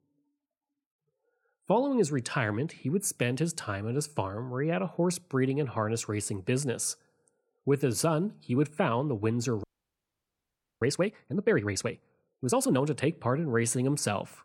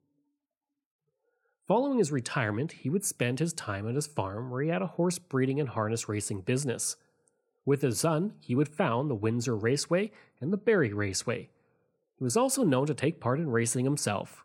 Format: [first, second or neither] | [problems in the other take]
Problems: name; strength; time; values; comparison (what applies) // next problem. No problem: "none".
second | audio freezing; at 9.5 s for 1 s